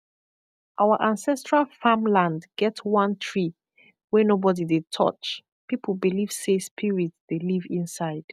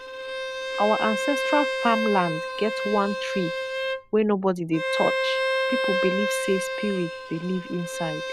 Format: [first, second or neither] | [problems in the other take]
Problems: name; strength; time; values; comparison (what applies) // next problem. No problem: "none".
first | background sound (Bowed string instrument); 1 dB below the speech